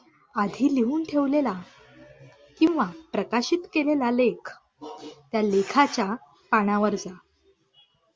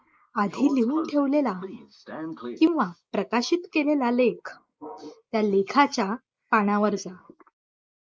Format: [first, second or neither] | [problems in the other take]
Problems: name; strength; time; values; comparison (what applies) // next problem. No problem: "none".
first | noise reduction (neural mask model Resemble Enhance denoiser)